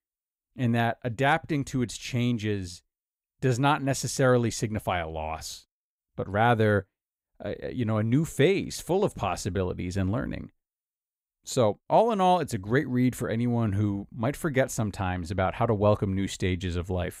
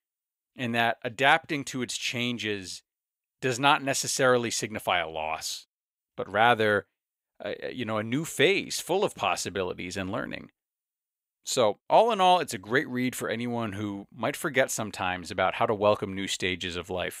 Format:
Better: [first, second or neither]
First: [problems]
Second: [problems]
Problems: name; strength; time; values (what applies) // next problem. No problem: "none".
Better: first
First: none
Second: thin; somewhat; fading below 1 kHz